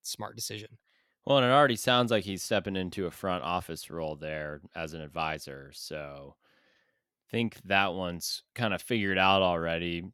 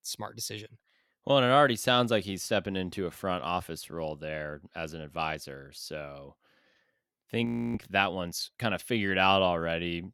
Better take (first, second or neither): first